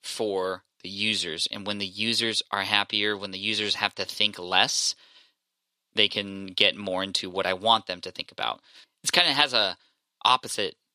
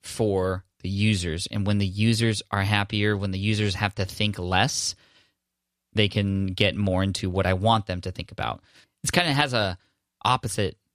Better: second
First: thin; somewhat; fading below 300 Hz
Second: none

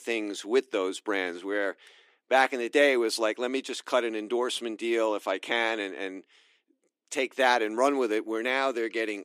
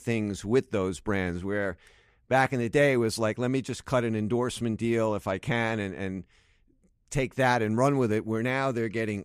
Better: second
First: thin; somewhat; fading below 300 Hz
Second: none

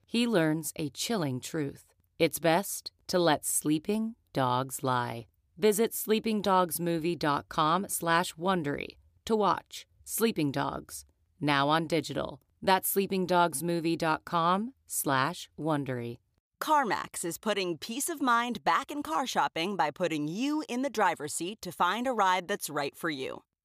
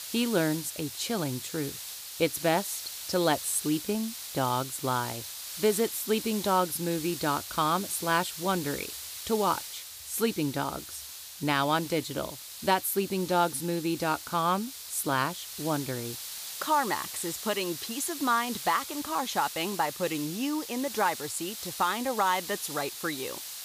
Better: first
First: none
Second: hiss; loud; throughout; 8 dB below the speech

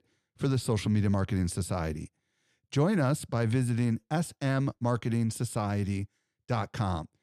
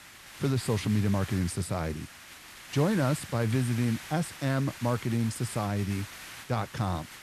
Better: first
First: none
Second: hiss; noticeable; throughout; 15 dB below the speech

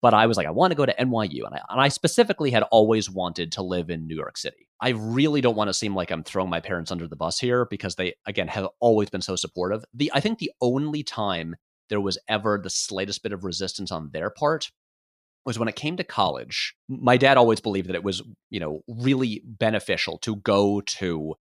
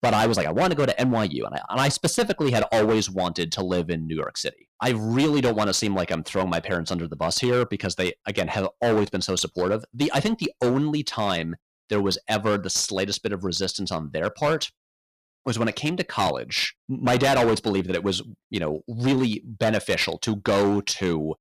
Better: first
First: none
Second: distortion; heavy; 10% of the sound clipped

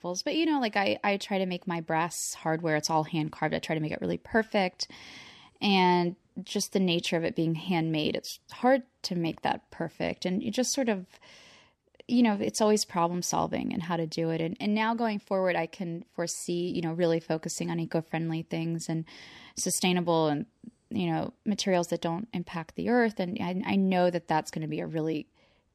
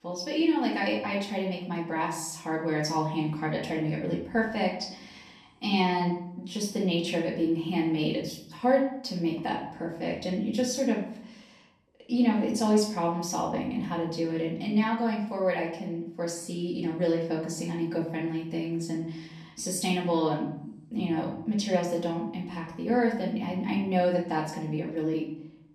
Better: first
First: none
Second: off-mic speech; far // room echo; noticeable; dies away in 0.6 s

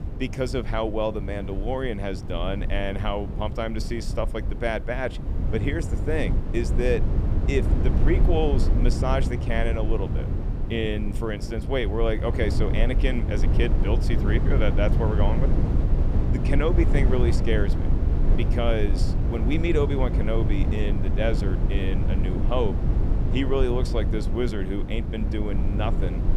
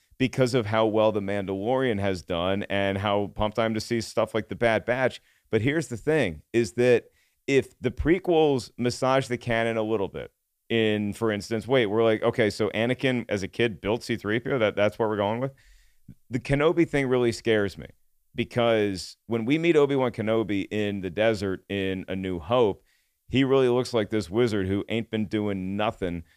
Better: second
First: low rumble; loud; throughout; 7 dB below the speech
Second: none

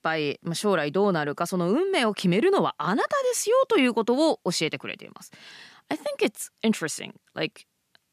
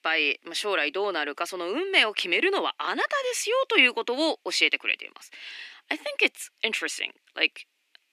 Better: first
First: none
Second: thin; somewhat; fading below 300 Hz

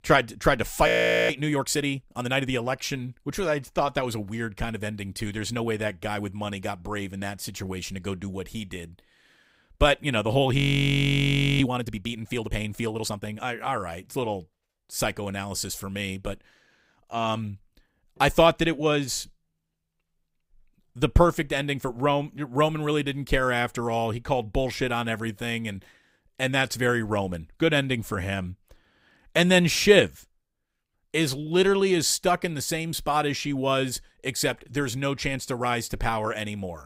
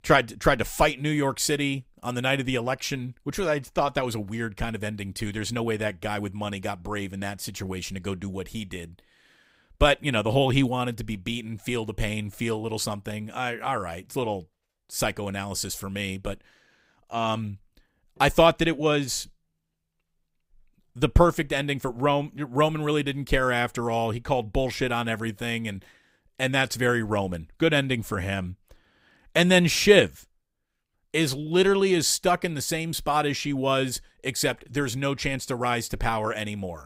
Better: second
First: audio freezing; at 1 s and at 11 s for 1 s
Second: none

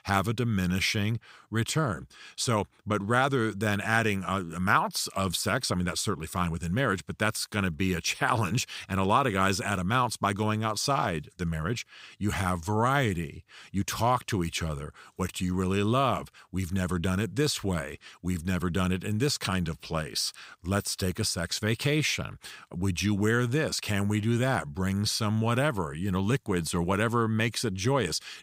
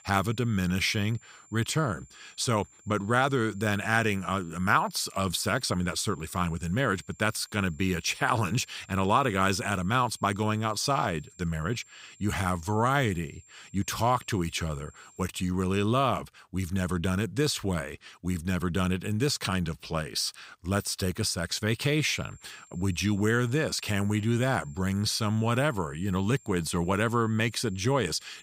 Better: first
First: none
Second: high-pitched whine; faint; until 15 s and from 22 s on; 7.5 kHz, 25 dB below the speech

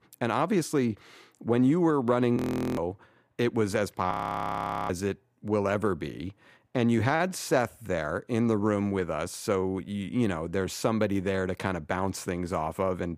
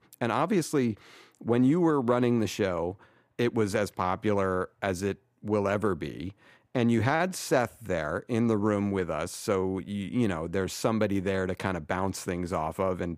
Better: second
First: audio freezing; at 2.5 s and at 4 s for 1 s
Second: none

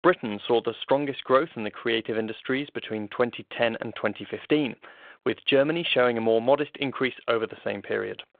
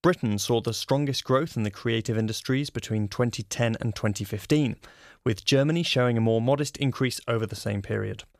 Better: second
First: phone-call audio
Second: none

